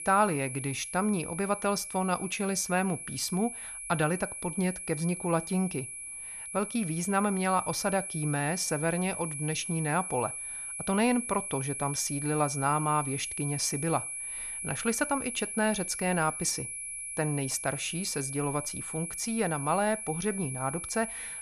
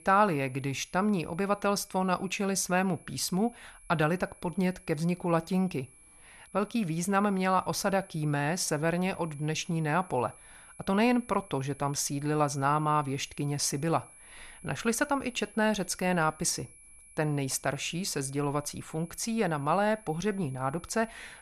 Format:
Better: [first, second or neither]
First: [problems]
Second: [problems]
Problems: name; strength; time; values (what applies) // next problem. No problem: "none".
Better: second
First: high-pitched whine; loud; throughout; 10.5 kHz, 5 dB below the speech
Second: high-pitched whine; faint; throughout; 10.5 kHz, 25 dB below the speech